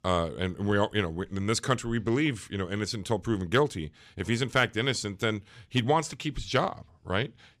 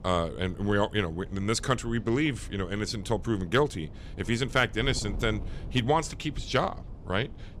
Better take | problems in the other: first | wind noise on the microphone; occasional gusts; 25 dB below the speech

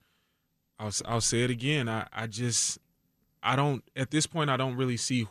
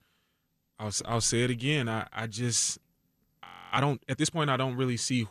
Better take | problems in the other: first | audio freezing; at 3.5 s

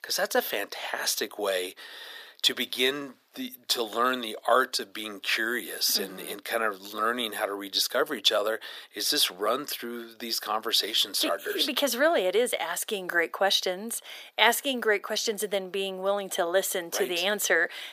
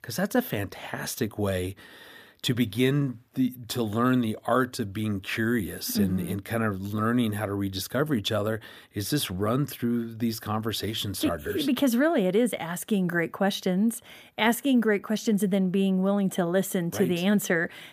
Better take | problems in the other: second | thin; very; fading below 450 Hz

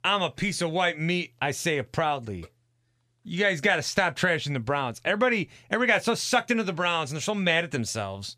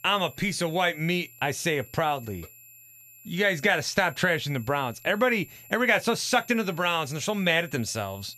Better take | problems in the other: first | high-pitched whine; faint; throughout; 11.5 kHz, 20 dB below the speech

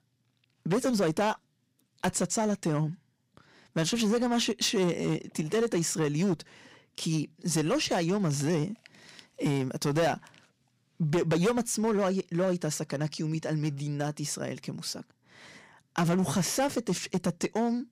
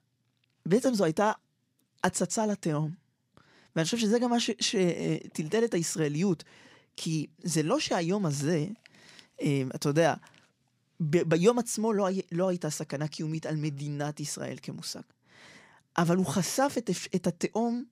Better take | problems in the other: second | distortion; slight; 7% of the sound clipped

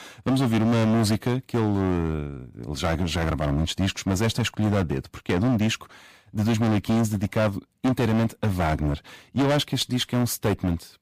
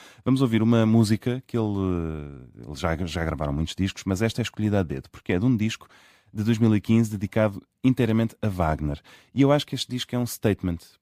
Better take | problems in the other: second | distortion; heavy; 18% of the sound clipped

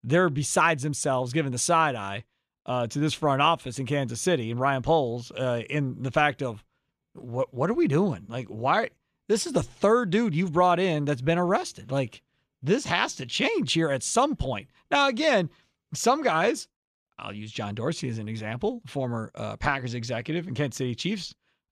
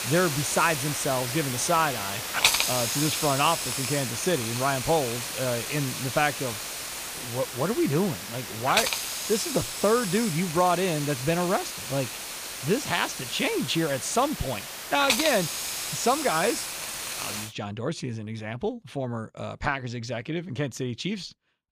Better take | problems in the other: first | hiss; loud; until 17 s; 2 dB below the speech

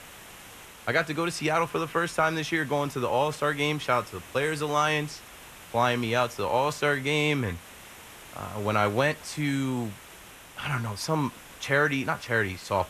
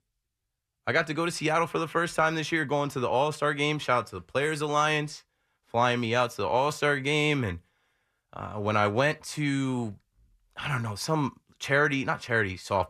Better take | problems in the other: second | hiss; noticeable; throughout; 20 dB below the speech

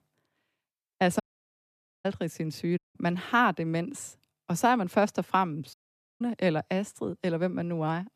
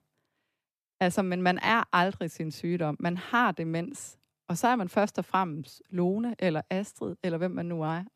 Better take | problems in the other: second | audio cutting out; at 1 s for 1 s, at 3 s and at 5.5 s

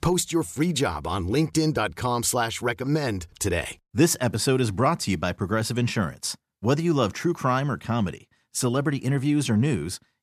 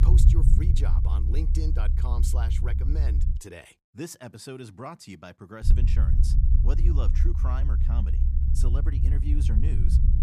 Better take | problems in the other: first | low rumble; loud; until 3.5 s and from 5.5 s on; 1 dB below the speech

